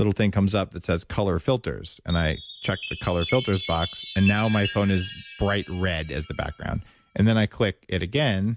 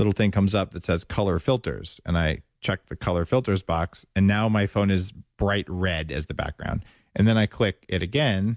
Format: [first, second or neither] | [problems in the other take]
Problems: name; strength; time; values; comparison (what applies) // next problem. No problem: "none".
second | background sound (Chime); 14 dB below the speech